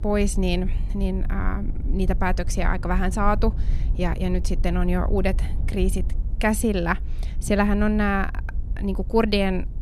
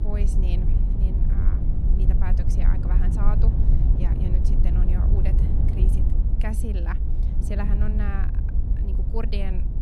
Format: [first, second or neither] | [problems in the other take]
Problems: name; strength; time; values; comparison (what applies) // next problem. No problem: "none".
first | low rumble; loud; throughout; 1 dB below the speech; faint in the first